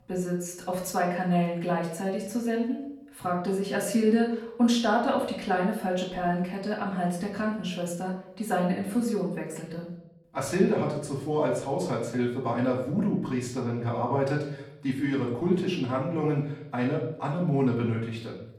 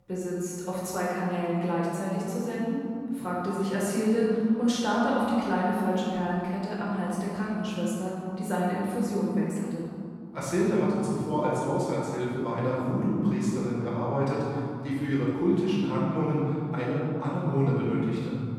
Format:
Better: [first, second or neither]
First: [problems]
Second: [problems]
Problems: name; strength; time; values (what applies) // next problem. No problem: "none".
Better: first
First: room echo; slight; dies away in 0.7 s // off-mic speech; far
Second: room echo; strong; dies away in 2.7 s // off-mic speech; far